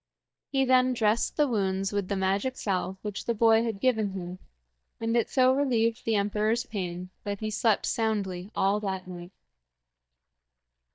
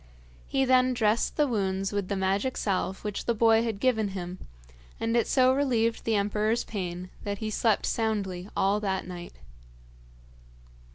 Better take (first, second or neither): second